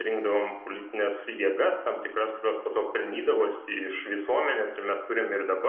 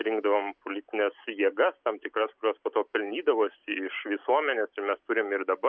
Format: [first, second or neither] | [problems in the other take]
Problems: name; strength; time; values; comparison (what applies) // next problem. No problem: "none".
second | room echo; dies away in 0.7 s